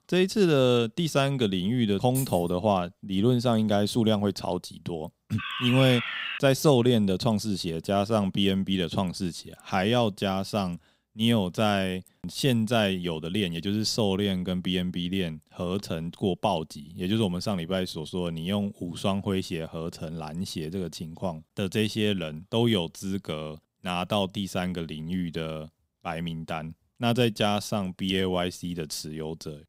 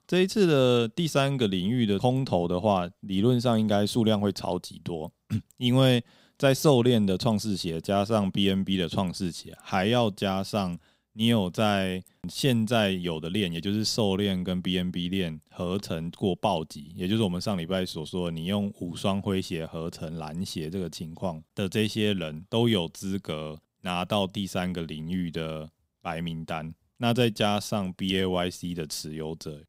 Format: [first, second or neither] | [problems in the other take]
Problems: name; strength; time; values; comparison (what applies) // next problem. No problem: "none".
second | jangling keys; noticeable; at 2 s; peak 8 dB below the speech // alarm; noticeable; from 5.5 to 6.5 s; peak 3 dB below the speech